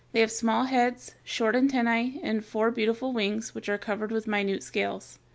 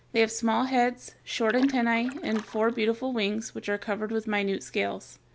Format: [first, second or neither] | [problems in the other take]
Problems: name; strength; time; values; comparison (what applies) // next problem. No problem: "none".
first | background sound (Splash, splatter); 17 dB below the speech